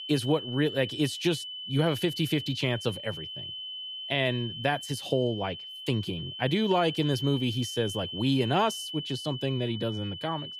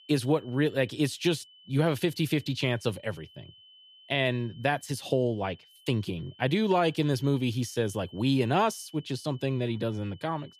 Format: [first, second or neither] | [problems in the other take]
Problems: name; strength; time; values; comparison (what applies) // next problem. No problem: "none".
second | high-pitched whine; loud; throughout; 3 kHz, 7 dB below the speech; faint in the second